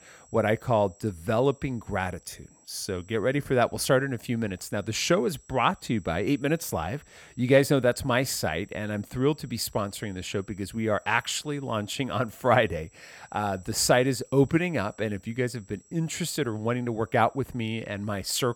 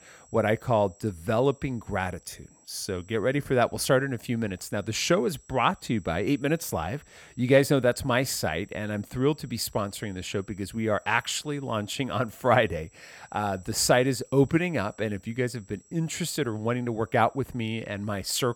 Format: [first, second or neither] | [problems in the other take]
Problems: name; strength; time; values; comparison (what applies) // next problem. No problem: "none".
neither | high-pitched whine; faint; throughout; 7.5 kHz, 30 dB below the speech; the same in both